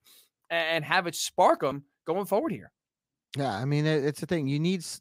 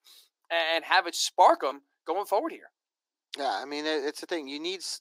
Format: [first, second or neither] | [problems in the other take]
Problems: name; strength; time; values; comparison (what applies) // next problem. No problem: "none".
first | thin; very; fading below 300 Hz